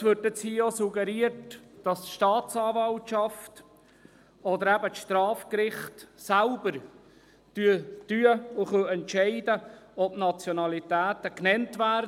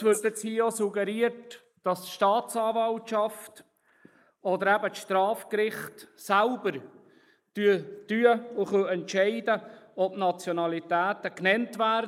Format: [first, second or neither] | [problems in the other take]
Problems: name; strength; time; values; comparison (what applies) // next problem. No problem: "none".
first | noise reduction (neural mask model Resemble Enhance denoiser)